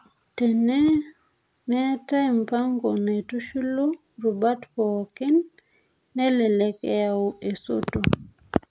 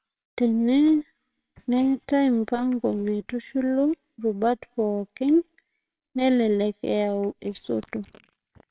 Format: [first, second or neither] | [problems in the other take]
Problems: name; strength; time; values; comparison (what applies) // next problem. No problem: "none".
first | noise reduction (neural separator model SepFormer WHAMR!)